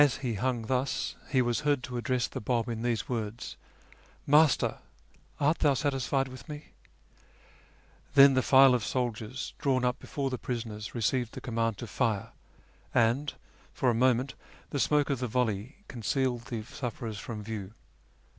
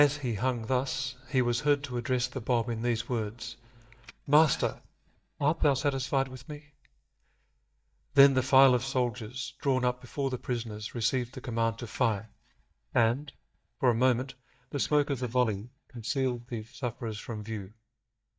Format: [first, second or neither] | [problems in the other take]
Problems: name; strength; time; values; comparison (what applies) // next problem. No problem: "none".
first | noise reduction (neural mask model DeepFilterNet 3)